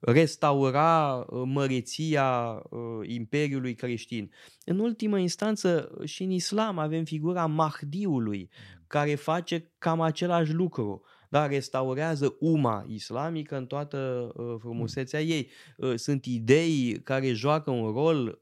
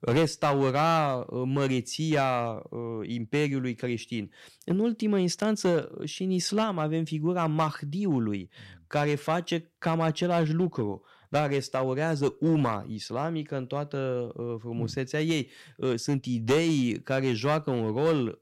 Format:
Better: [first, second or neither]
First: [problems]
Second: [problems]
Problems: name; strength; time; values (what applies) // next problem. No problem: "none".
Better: first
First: none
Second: distortion; slight; 3% of the sound clipped